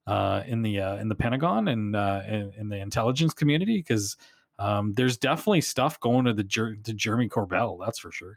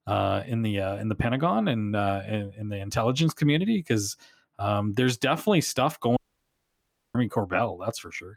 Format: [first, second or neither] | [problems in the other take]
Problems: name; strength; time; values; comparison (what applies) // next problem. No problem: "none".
first | audio cutting out; at 6 s for 1 s